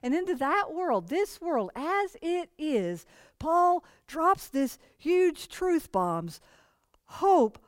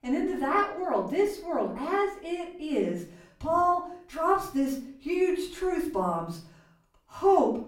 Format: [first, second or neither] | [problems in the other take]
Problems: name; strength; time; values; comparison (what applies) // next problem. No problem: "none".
first | off-mic speech; far // room echo; slight; dies away in 0.5 s